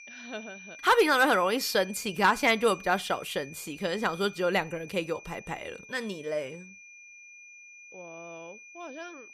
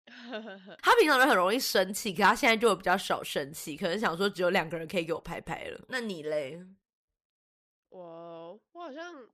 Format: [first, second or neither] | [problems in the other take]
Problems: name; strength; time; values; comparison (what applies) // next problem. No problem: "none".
second | high-pitched whine; noticeable; throughout; 2.5 kHz, 20 dB below the speech